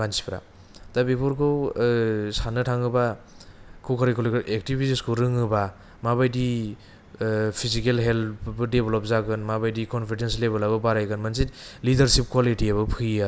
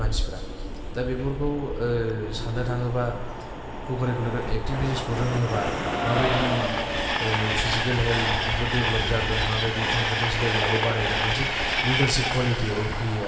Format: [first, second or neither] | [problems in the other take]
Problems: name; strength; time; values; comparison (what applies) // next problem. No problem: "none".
first | background sound (Train); as loud as the speech // room echo; dies away in 2.3 s